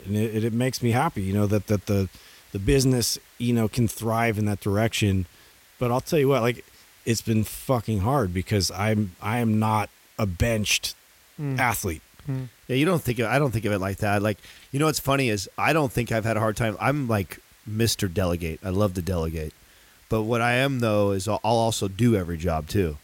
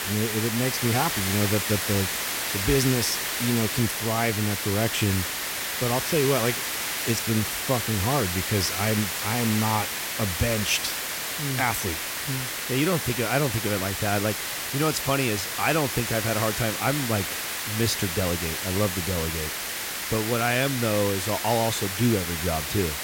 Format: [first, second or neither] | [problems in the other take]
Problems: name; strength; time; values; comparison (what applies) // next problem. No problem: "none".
first | hiss; loud; throughout; 1 dB below the speech; faint in the first